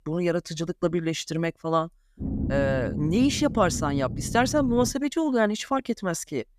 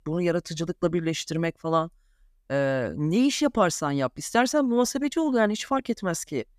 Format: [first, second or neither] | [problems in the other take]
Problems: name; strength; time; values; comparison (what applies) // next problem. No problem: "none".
second | low rumble; noticeable; from 2 to 5 s; 15 dB below the speech